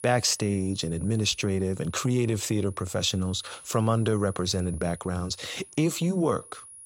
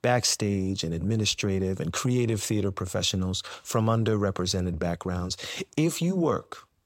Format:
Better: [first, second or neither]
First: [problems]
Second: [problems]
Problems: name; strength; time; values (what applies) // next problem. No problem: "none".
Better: second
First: high-pitched whine; noticeable; throughout; 10.5 kHz, 20 dB below the speech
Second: none